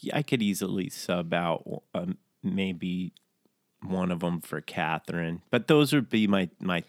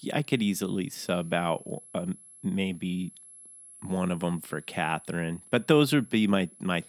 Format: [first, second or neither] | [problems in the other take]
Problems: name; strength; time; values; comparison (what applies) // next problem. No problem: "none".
first | high-pitched whine; faint; throughout; 11 kHz, 20 dB below the speech